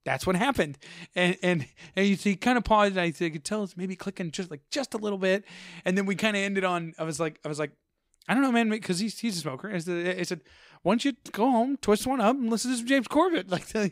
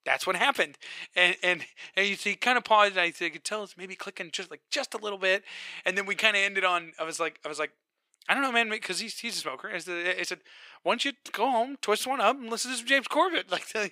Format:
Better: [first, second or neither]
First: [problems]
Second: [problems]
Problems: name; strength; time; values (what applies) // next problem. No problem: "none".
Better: first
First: none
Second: thin; somewhat; fading below 500 Hz